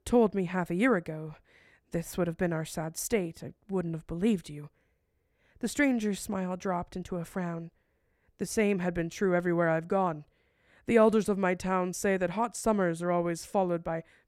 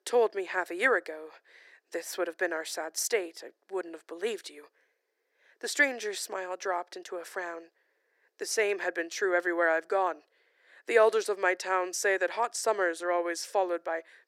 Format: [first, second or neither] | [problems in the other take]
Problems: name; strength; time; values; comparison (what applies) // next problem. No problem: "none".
first | thin; very; fading below 350 Hz